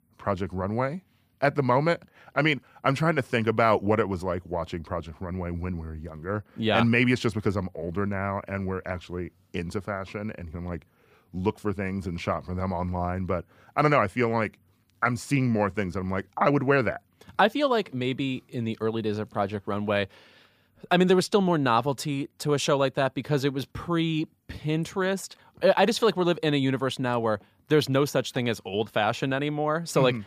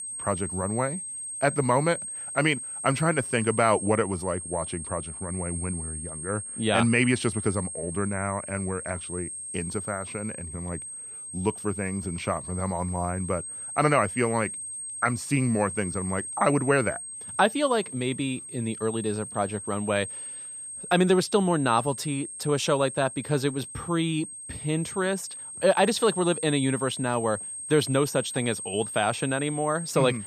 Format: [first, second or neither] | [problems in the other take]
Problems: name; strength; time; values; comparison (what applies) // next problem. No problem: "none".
first | high-pitched whine; loud; throughout; 8.5 kHz, 7 dB below the speech